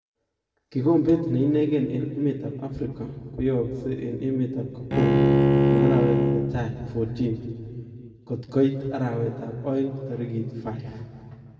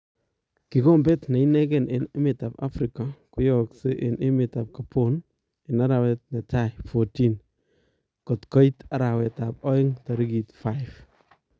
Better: second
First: background sound (Bowed string instrument); 5 dB above the speech // room echo; dies away in 1.9 s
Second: none

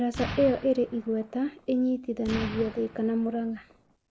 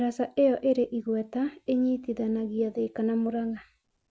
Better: second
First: background sound (Explosion); 12 dB below the speech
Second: none

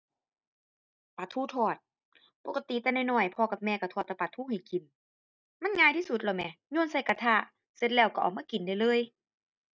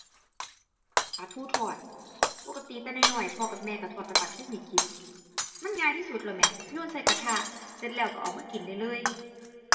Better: first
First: none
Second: background sound (Shatter); 3 dB above the speech // room echo; dies away in 1.8 s

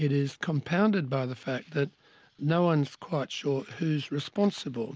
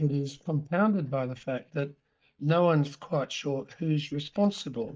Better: first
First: none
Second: noise reduction (neural mask model DeepFilterNet 3)

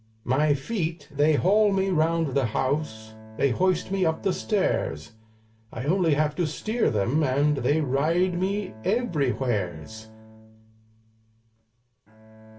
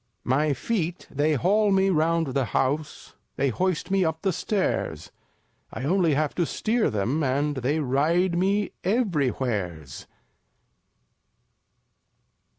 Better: second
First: background sound (Bowed string instrument); 19 dB below the speech // room echo; dies away in 0.2 s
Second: none

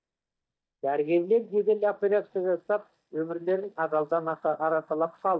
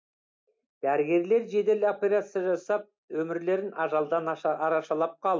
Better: second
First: noise reduction (neural mask model DeepFilterNet 3)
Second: none

